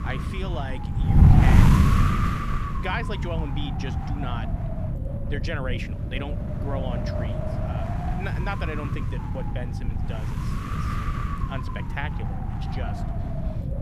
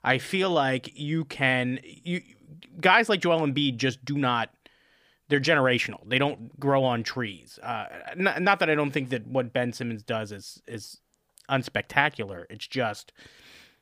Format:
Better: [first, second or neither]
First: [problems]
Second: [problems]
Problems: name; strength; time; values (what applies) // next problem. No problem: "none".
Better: second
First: wind noise on the microphone; heavy; 2 dB above the speech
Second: none